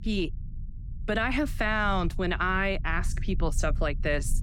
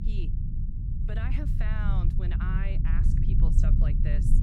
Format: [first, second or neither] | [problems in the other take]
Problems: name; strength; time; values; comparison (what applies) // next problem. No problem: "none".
first | low rumble; loud; throughout; 1 dB below the speech; faint in the first